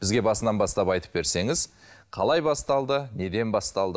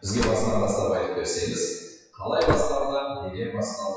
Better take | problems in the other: first | noise reduction (classical method WPE with log-MMSE)

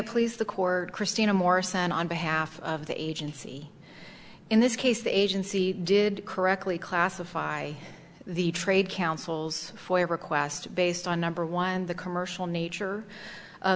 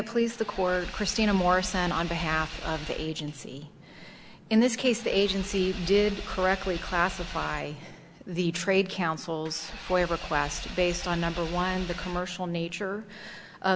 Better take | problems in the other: first | background sound (Engine / Vehicle); 11 dB below the speech

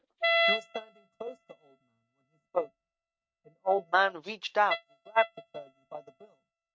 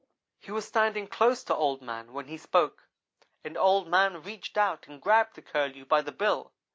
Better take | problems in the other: second | noise reduction (neural mask model RNNoise)

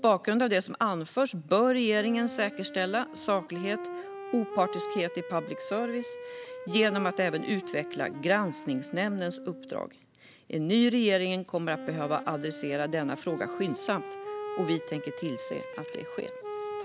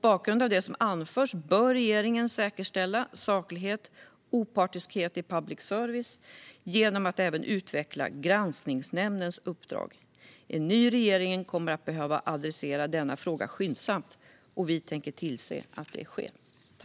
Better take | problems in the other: second | background sound (Wind instrument, woodwind instrument); 11 dB below the speech

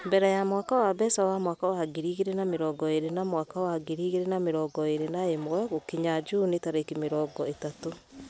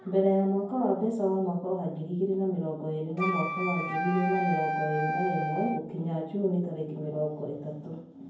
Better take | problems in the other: first | background sound (Wind instrument, woodwind instrument); 2 dB below the speech // room echo; dies away in 0.9 s

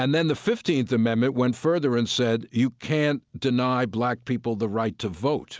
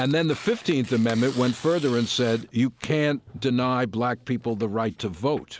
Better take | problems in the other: first | background sound (Tearing); 18 dB below the speech

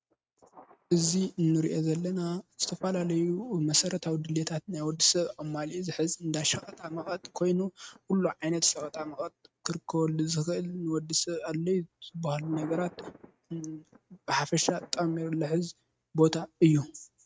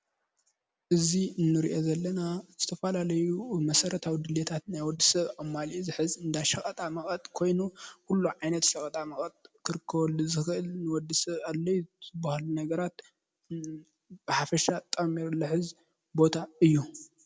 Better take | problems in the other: second | noise reduction (neural mask model RNNoise)

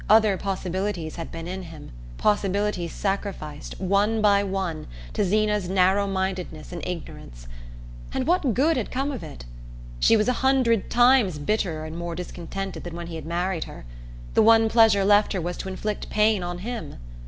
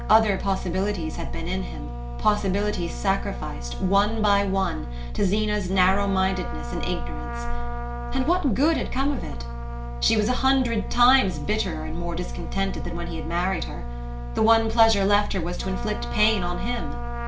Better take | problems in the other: first | background sound (Trumpet); 15 dB below the speech // room echo; dies away in 0.3 s

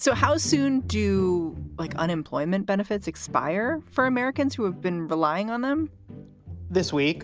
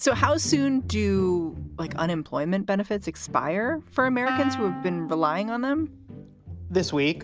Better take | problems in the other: first | background sound (Wind instrument, woodwind instrument); 10 dB below the speech

